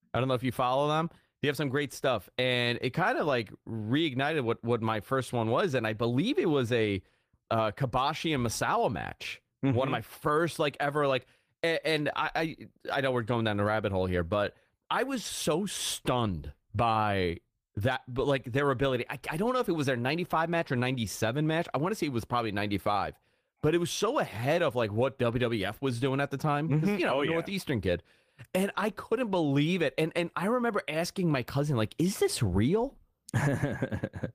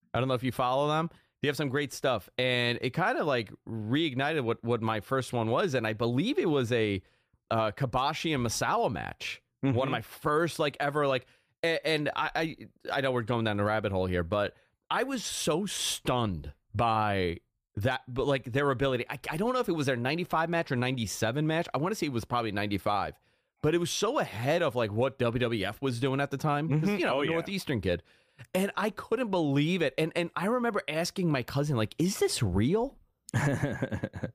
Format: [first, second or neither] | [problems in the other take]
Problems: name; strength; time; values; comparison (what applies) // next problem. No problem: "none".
second | garbled, watery; slightly; nothing above 15 kHz